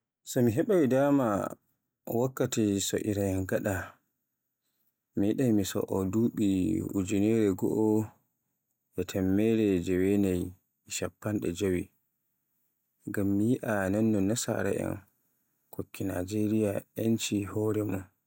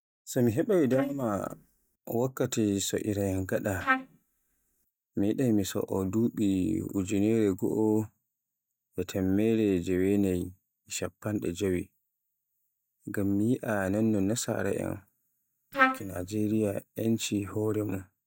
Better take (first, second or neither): first